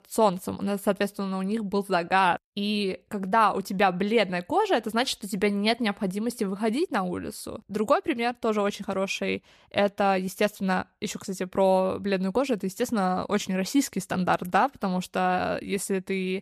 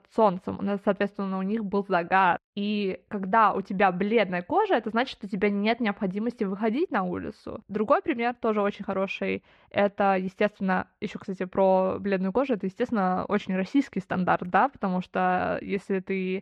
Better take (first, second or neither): first